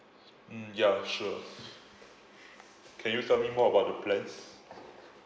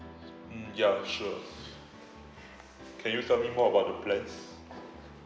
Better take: first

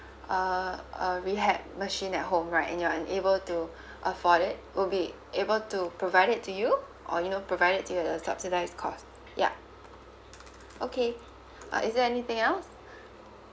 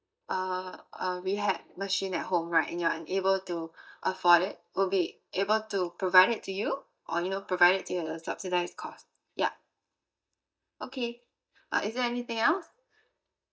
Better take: first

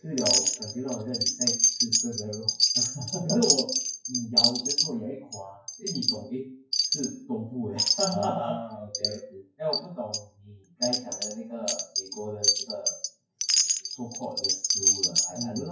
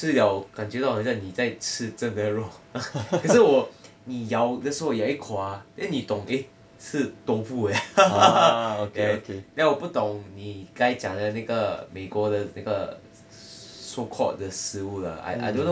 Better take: second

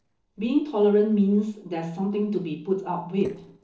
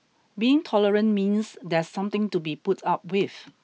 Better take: second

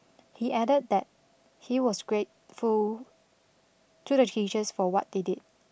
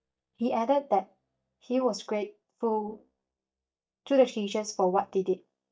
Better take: first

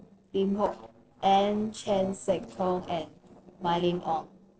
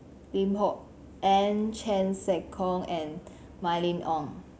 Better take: second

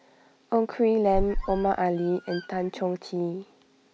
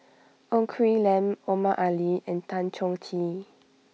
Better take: second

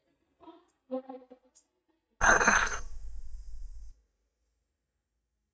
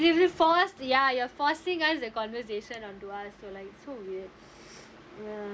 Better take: second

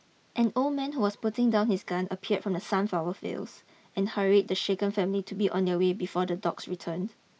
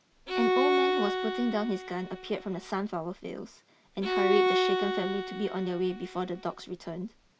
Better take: first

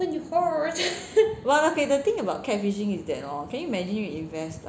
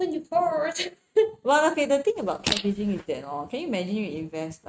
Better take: first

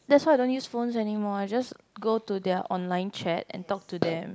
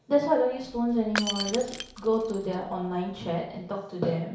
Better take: first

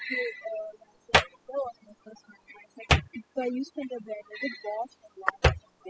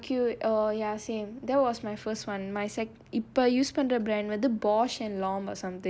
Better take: second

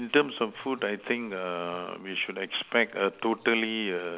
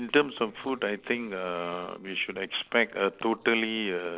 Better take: first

